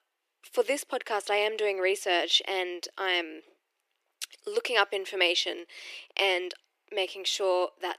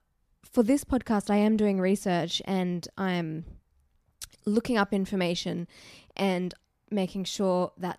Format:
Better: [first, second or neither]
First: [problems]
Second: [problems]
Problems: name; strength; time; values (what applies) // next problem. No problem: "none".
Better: second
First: thin; very; fading below 350 Hz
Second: none